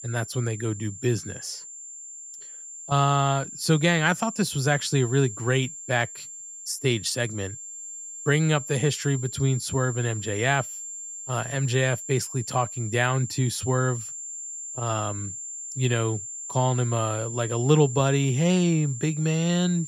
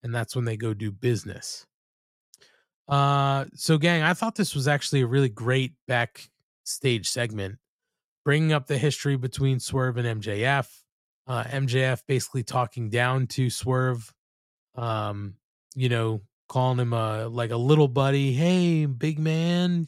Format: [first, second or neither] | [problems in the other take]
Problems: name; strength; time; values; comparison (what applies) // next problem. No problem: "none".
second | high-pitched whine; loud; throughout; 7.5 kHz, 10 dB below the speech